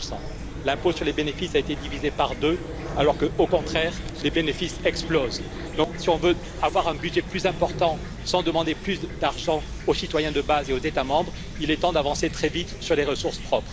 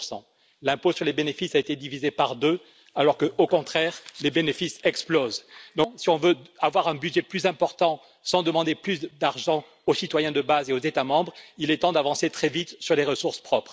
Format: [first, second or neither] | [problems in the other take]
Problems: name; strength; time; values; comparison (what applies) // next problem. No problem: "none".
second | background sound (Chirp, tweet / Fowl); 8 dB below the speech